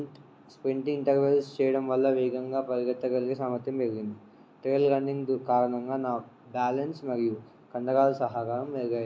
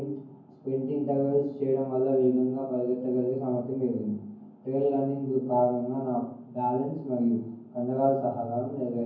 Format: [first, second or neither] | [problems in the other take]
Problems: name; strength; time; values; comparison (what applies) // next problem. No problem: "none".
first | room echo; dies away in 0.9 s